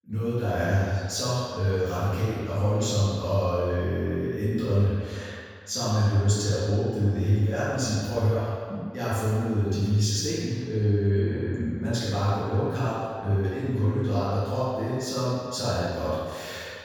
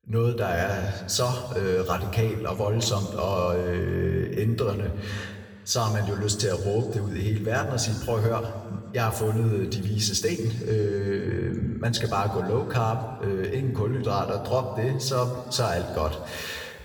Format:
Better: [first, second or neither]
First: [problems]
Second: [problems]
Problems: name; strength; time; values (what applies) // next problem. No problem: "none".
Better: second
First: room echo; strong; dies away in 1.8 s // off-mic speech; far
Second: room echo; slight; dies away in 1.8 s